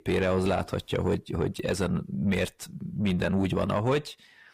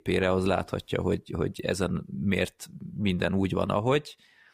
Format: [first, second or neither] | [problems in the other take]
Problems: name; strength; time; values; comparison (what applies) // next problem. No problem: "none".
second | distortion; slight; 10 dB below the speech